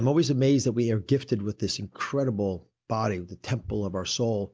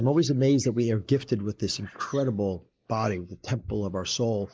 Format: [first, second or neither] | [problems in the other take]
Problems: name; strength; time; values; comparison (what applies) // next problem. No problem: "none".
first | noise reduction (neural mask model Resemble Enhance denoiser)